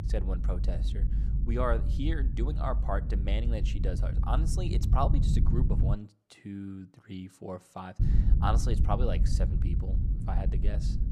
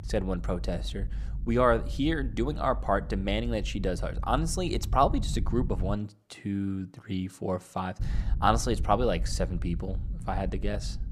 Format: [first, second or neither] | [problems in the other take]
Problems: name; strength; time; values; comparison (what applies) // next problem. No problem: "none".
second | low rumble; loud; until 6 s and from 8 s on; 8 dB below the speech; faint in the second